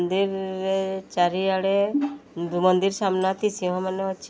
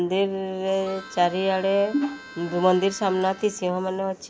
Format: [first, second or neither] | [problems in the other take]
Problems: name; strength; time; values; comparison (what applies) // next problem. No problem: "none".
first | background sound (Harmonica); 19 dB below the speech